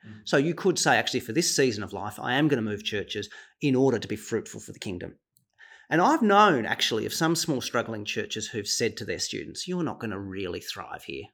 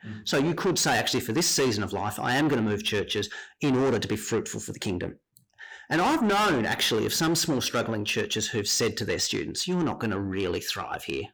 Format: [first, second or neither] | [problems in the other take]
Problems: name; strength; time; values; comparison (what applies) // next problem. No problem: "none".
first | distortion; heavy; 6 dB below the speech